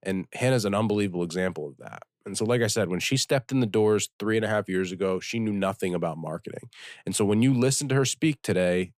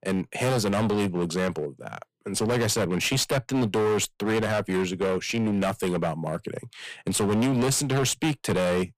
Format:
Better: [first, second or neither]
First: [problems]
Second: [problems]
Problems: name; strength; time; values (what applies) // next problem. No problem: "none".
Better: first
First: none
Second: distortion; heavy; 21% of the sound clipped